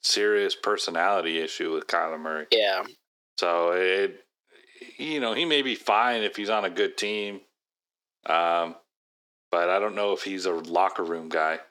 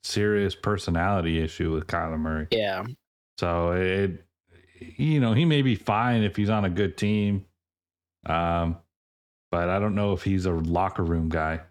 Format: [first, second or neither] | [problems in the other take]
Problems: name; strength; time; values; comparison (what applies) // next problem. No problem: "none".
second | thin; very; fading below 350 Hz